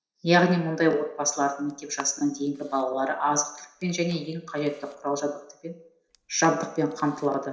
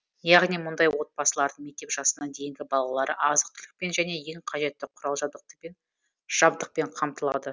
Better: second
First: noise reduction (neural separator model SepFormer DNS4)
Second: none

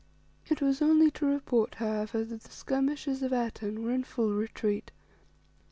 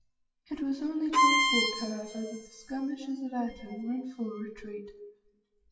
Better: first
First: none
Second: noise reduction (classical method WPE with log-MMSE)

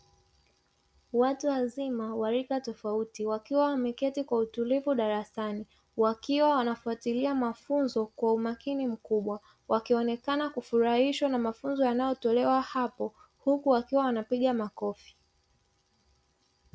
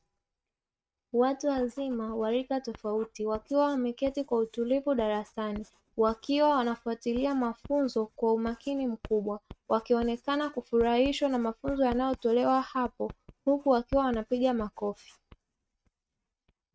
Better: first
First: none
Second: noise reduction (neural mask model RNNoise)

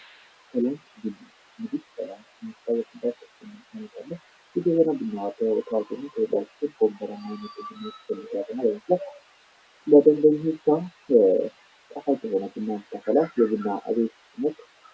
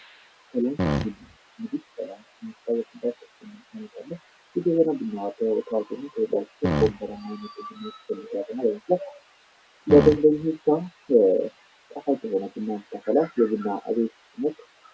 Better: first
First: none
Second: background sound (Fart); 1 dB below the speech

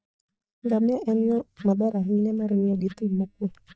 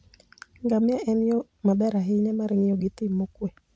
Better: second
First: noise reduction (neural mask model DeepFilterNet 3)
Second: none

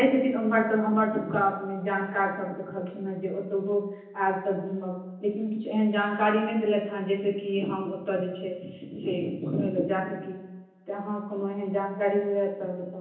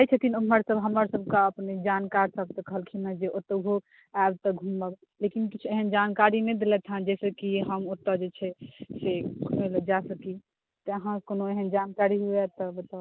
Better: second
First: room echo; dies away in 0.9 s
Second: none

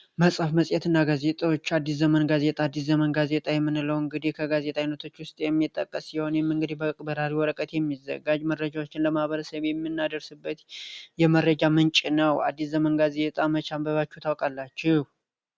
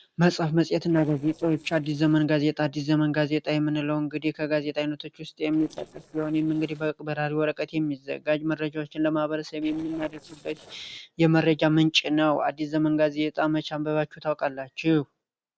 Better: first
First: none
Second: noise reduction (neural separator model SepFormer DNS4)

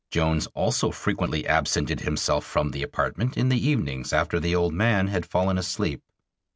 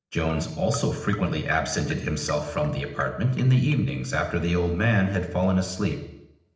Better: first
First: none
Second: noise reduction (neural separator model SepFormer DNS4)

